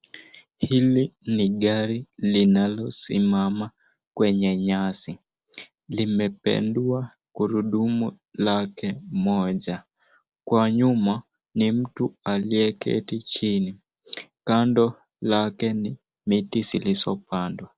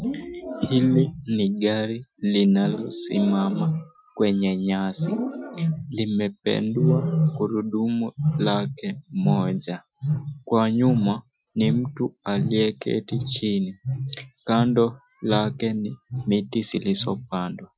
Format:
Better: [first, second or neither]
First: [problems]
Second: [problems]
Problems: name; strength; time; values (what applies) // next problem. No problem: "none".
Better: first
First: none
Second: noise reduction (classical method Wiener filter)